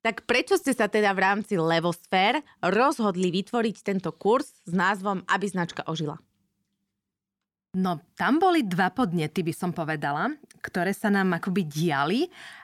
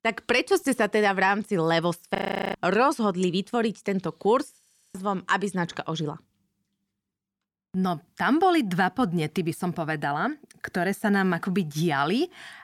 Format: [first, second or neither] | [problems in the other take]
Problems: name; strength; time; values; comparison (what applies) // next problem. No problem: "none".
first | audio freezing; at 2 s and at 4.5 s